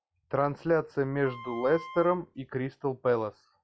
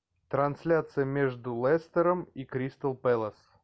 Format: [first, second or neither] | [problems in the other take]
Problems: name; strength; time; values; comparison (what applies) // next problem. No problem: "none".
second | noise reduction (classical method log-MMSE)